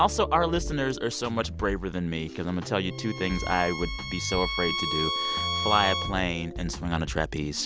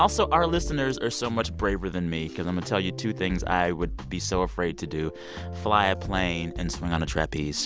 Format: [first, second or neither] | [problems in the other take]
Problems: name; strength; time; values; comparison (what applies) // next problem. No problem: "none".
second | background sound (Bowed string instrument); 4 dB below the speech